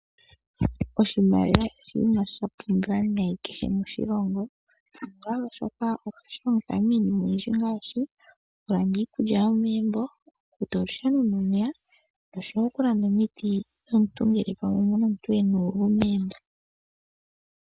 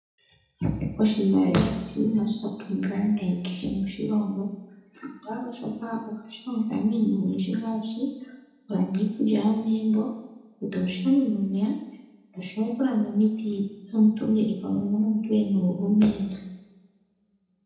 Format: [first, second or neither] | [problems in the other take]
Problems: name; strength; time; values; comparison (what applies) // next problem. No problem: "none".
first | room echo; dies away in 0.8 s